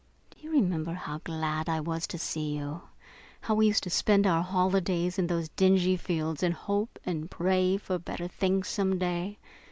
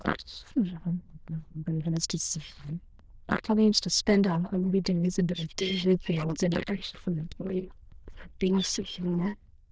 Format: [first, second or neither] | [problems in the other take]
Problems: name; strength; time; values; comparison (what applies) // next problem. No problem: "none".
first | noise reduction (neural diffusion model UNIVERSE++)